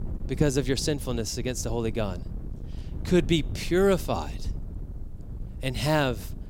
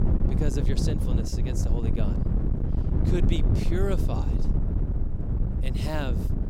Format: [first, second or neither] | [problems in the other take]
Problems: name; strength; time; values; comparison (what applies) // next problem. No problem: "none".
first | wind noise on the microphone; heavy; 2 dB below the speech; occasional gusts in the first